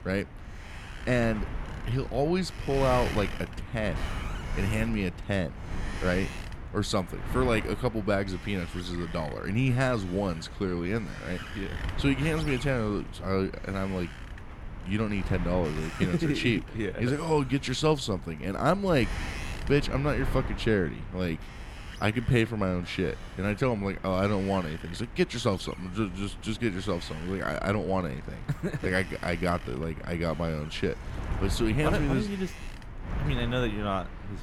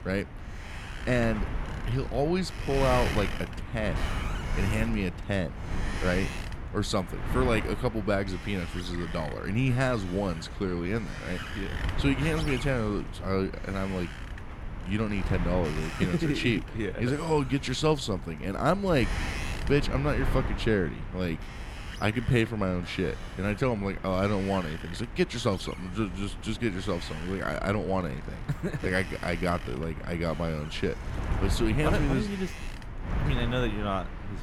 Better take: first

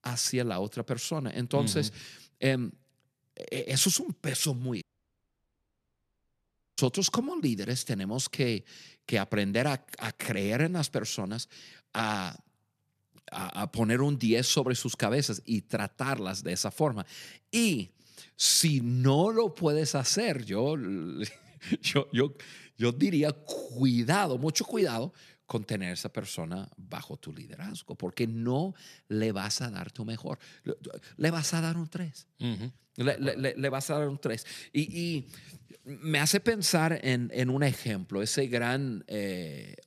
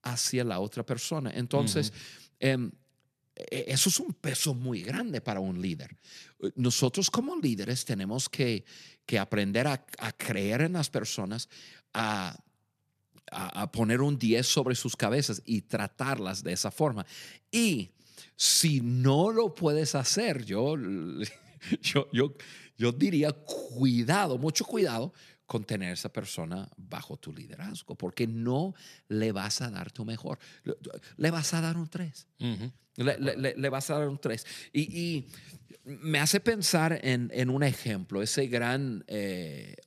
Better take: second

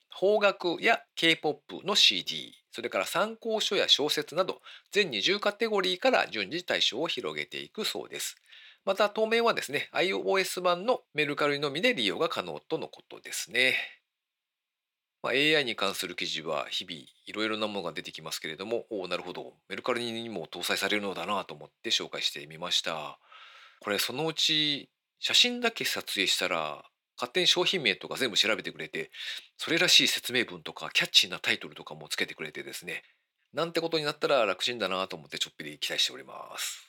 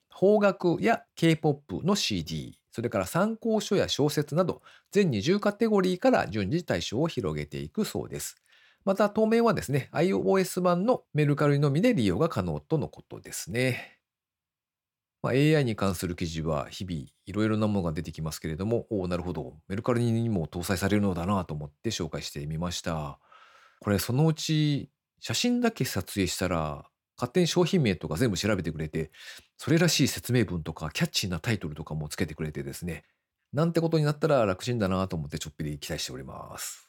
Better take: second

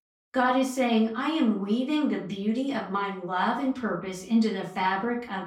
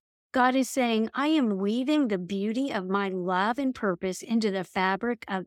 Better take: second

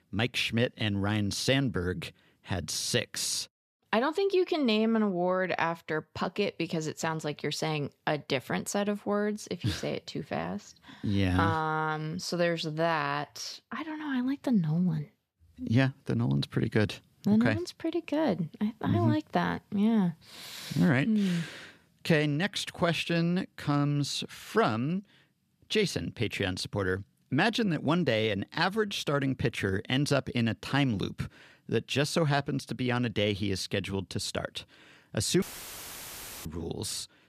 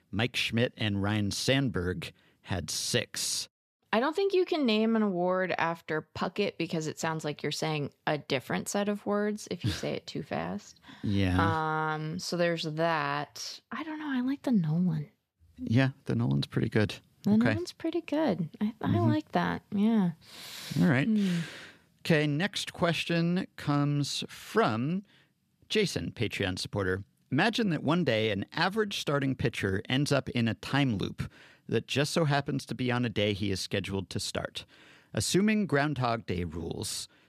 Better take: second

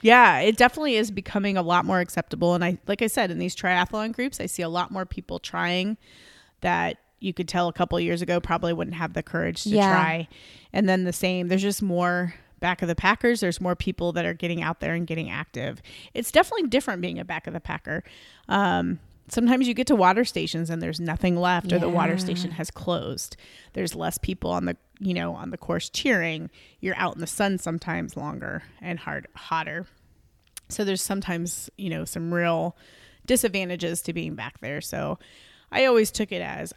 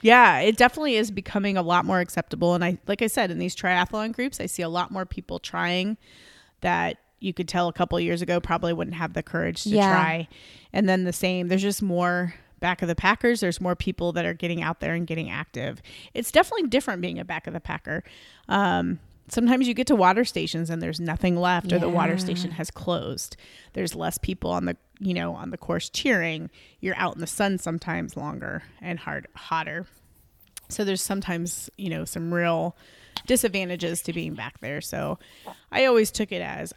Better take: first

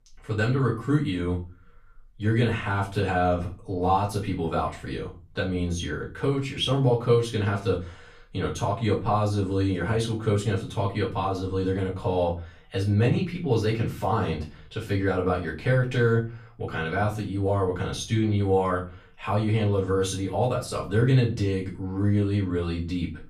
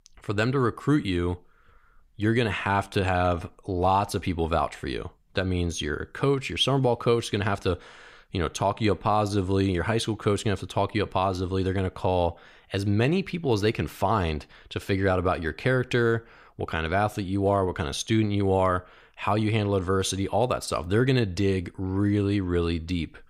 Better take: second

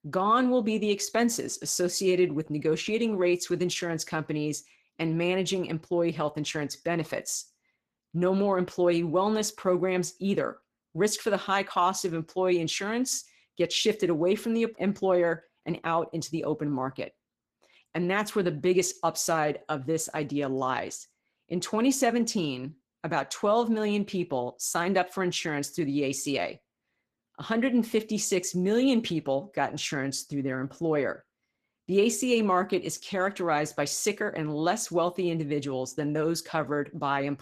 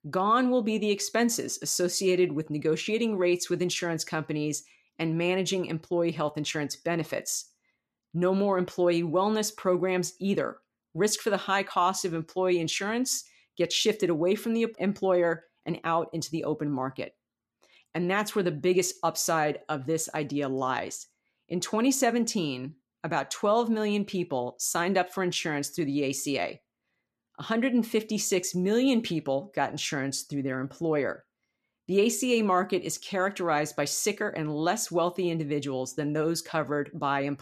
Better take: second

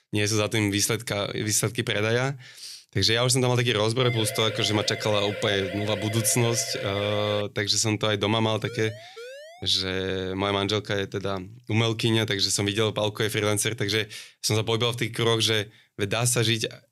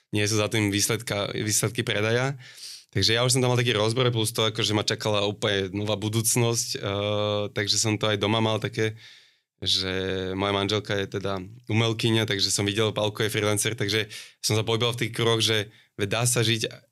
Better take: second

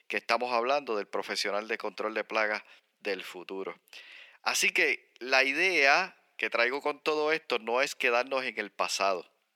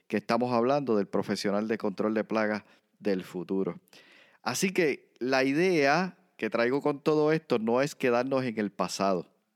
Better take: second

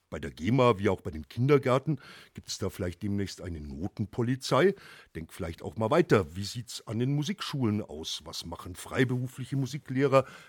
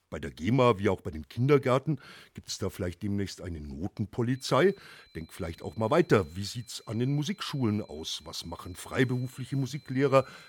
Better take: first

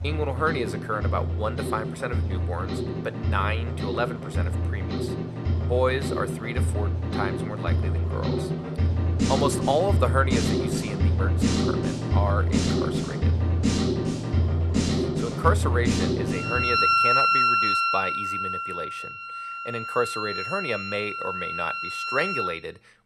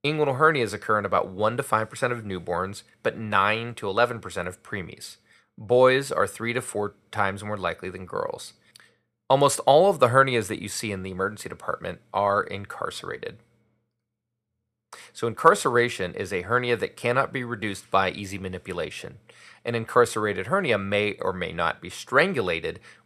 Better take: second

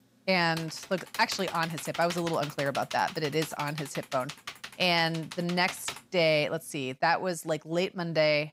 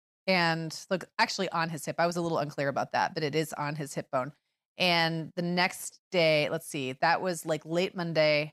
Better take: second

